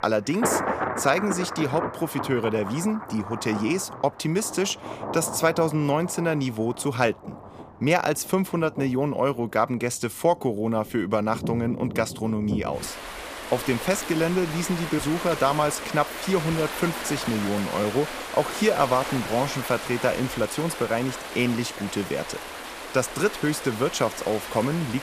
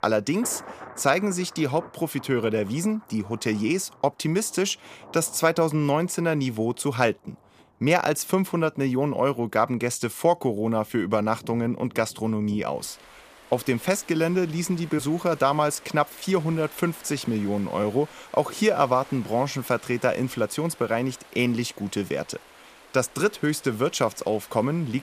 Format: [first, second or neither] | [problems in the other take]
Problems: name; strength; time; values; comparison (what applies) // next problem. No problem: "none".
second | rain or running water; loud; throughout; 8 dB below the speech; faint in the second